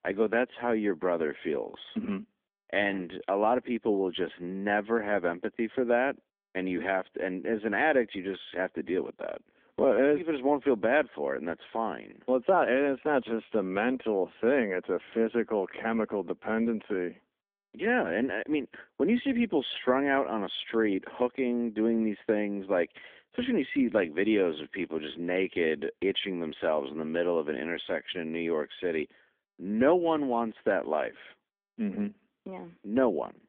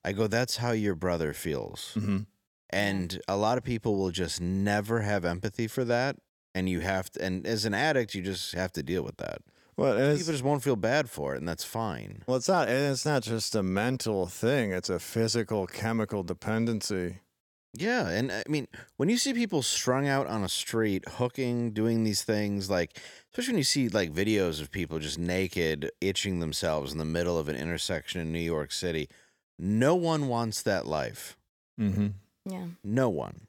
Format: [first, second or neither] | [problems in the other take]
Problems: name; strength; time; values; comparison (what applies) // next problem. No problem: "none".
second | phone-call audio; nothing above 3.5 kHz